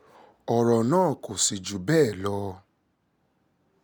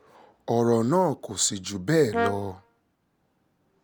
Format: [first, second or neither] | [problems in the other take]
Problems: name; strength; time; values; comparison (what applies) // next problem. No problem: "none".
first | background sound (Brass instrument); 7 dB below the speech